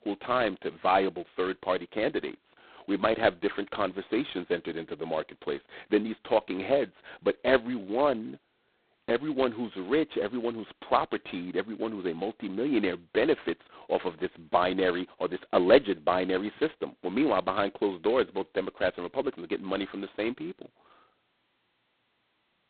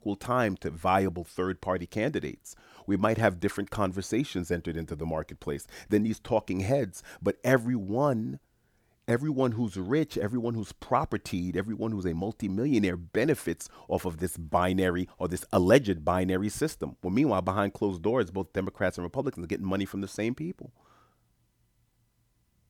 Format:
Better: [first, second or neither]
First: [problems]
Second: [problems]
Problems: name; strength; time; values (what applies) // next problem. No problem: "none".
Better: second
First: phone-call audio; poor line; nothing above 4 kHz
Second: none